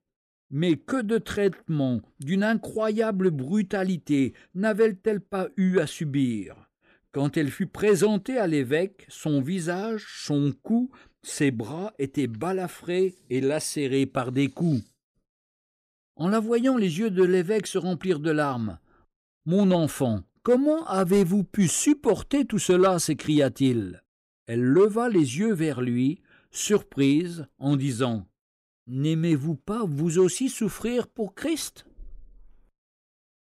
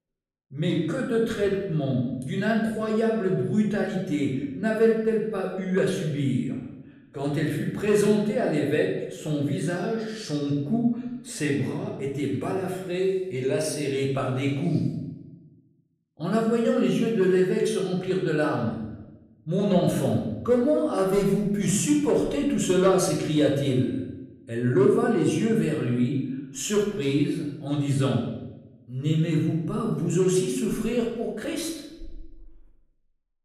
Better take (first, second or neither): first